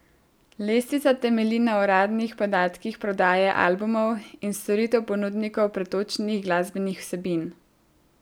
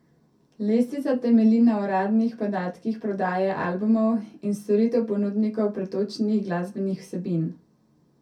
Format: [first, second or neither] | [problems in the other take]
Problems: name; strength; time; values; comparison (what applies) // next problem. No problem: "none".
first | room echo; dies away in 0.3 s